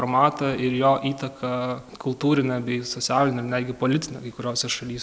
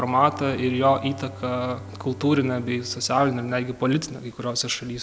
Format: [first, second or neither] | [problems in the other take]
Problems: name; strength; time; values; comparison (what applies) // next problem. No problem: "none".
first | background sound (Bowed string instrument); 17 dB below the speech